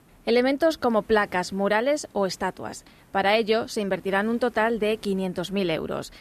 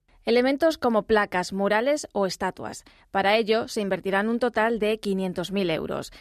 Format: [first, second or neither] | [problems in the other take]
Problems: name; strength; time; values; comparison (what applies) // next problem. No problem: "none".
second | hiss; faint; throughout; 30 dB below the speech